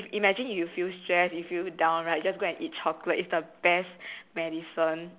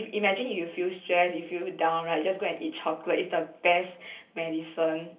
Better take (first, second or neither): first